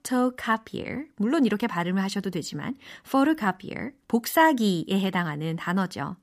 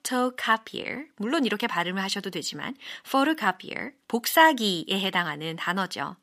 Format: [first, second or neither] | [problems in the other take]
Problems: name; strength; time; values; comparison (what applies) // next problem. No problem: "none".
first | thin; very slightly; fading below 500 Hz